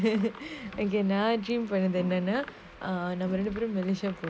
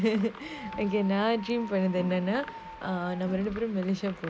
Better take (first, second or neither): first